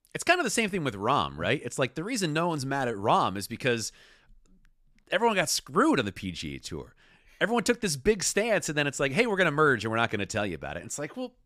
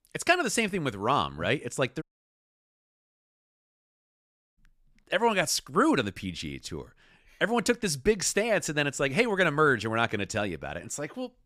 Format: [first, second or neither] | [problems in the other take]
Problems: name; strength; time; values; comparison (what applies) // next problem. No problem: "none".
first | audio cutting out; at 2 s for 2.5 s